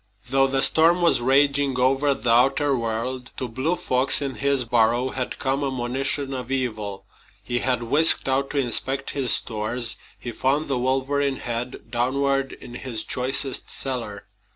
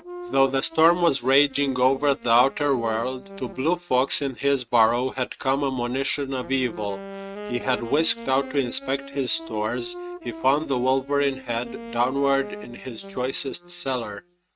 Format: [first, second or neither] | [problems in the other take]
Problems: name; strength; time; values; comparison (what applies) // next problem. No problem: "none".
first | noise reduction (neural mask model RNNoise)